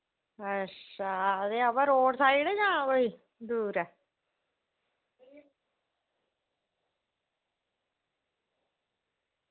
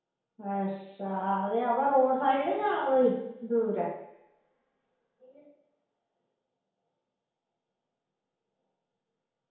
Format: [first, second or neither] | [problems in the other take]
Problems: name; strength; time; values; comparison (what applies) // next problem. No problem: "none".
first | room echo; dies away in 1 s